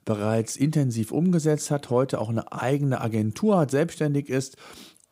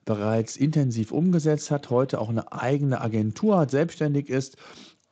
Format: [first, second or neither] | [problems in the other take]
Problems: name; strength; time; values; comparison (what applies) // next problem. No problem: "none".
first | garbled, watery; slightly; nothing above 7.5 kHz